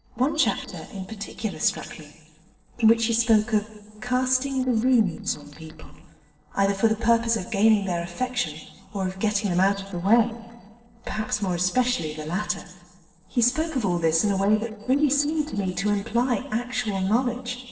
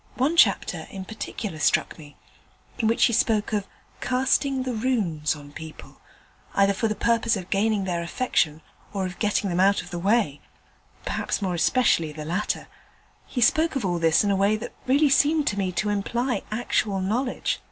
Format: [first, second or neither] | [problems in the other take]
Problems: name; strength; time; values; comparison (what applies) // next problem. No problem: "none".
second | noise reduction (neural separator model SepFormer DNS4)